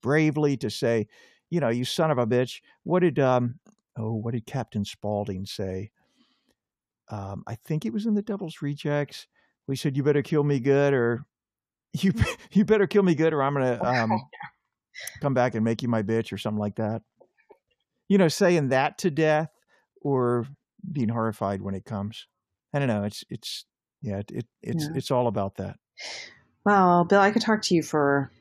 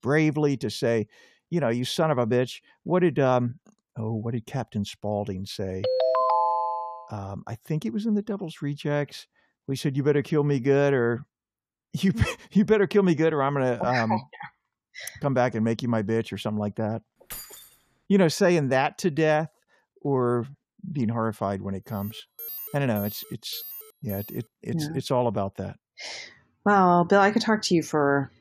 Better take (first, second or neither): first